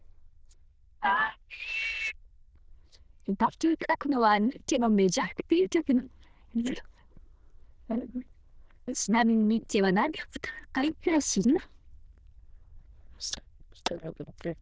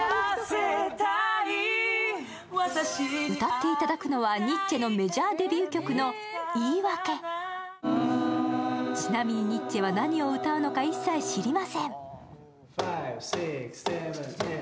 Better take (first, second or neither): second